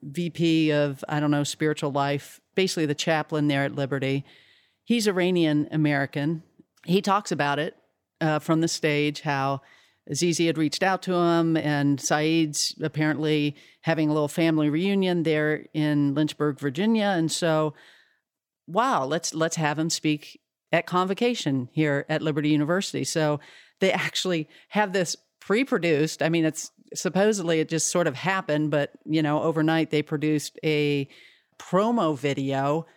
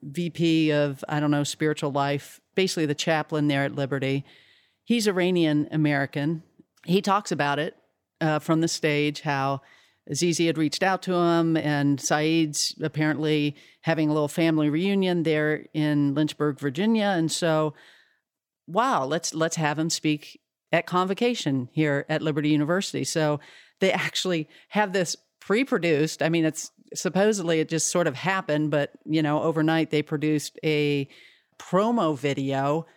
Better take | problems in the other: neither | none

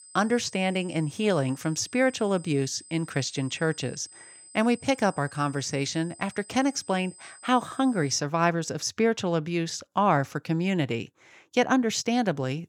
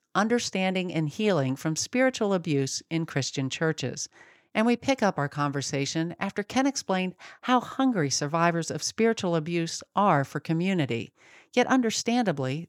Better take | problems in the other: second | high-pitched whine; faint; until 8 s; 8 kHz, 20 dB below the speech

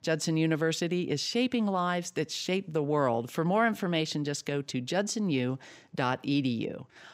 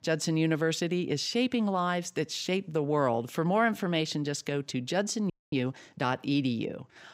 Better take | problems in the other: first | audio freezing; at 5.5 s

